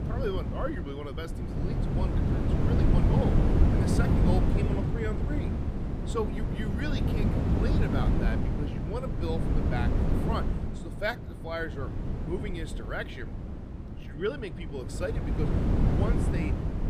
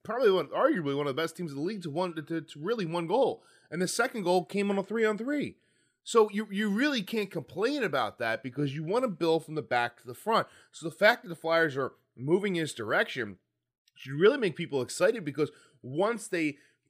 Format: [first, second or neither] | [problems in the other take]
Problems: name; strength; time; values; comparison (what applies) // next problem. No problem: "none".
second | wind noise on the microphone; heavy; as loud as the speech